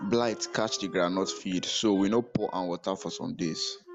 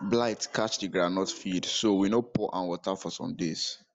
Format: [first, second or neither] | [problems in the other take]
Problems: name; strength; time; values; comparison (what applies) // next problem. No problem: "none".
second | background sound (Wind instrument, woodwind instrument); 18 dB below the speech